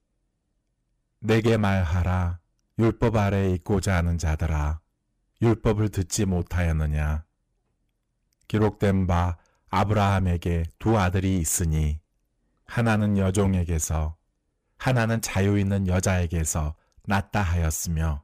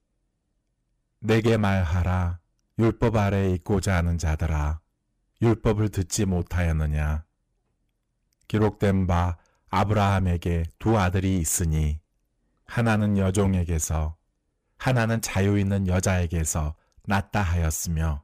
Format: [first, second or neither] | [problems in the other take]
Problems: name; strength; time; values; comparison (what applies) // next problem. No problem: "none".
neither | distortion; slight; 9% of the sound clipped; the same in both